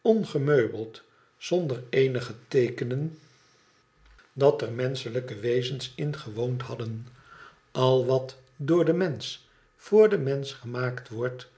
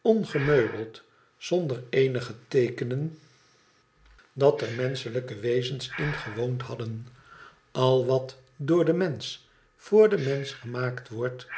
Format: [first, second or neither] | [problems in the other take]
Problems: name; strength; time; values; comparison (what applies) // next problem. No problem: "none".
first | background sound (Breathing); 18 dB below the speech